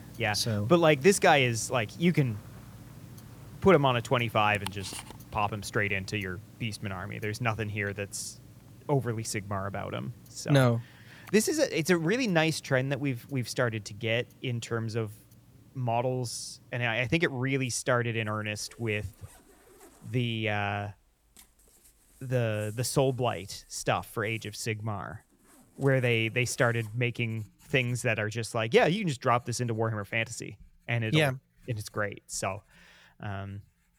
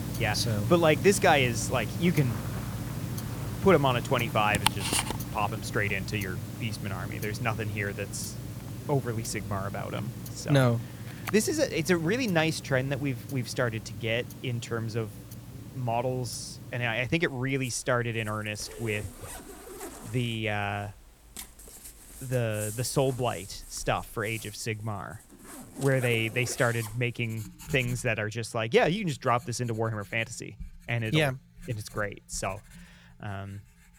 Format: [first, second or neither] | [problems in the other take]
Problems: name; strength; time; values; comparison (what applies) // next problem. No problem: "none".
first | household noises; loud; throughout; 8 dB below the speech; faint in the first